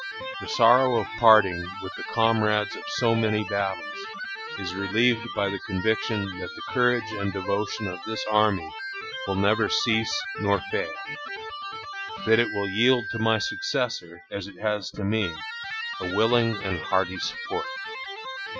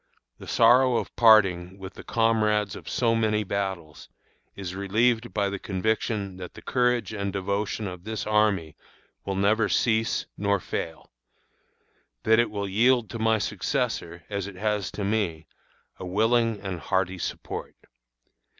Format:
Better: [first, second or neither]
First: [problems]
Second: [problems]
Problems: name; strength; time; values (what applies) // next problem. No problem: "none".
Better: second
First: noise reduction (classical method Wiener filter)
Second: none